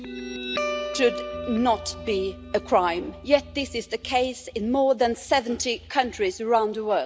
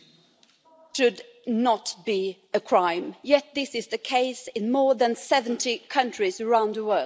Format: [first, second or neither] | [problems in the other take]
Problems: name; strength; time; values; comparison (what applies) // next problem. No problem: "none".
second | background sound (Guitar); 11 dB below the speech